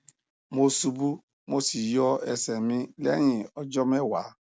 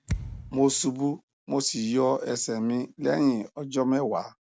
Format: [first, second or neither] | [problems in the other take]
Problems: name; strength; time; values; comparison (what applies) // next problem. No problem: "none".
first | background sound (Thump, thud); 9 dB below the speech